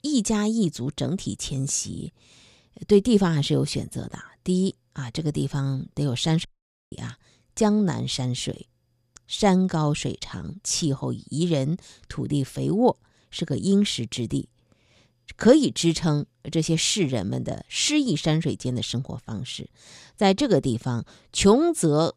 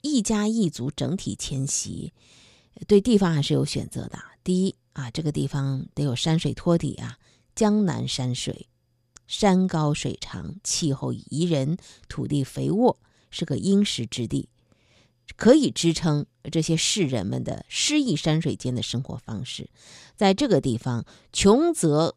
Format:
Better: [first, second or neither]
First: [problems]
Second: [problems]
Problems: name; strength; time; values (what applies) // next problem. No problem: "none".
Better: second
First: audio cutting out; at 6.5 s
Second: none